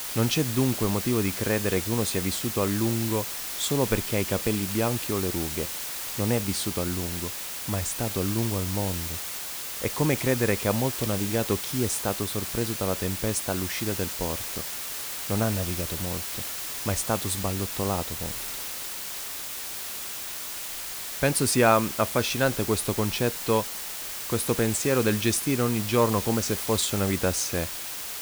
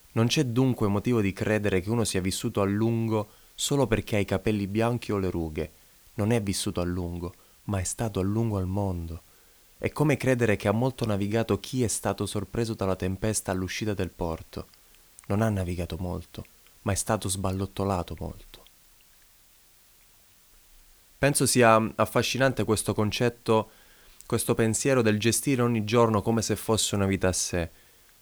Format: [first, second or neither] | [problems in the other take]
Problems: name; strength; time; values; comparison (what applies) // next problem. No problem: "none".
second | hiss; loud; throughout; 4 dB below the speech; faint in the second